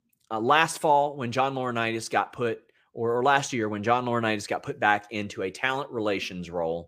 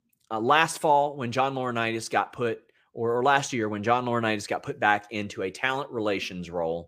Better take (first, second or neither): neither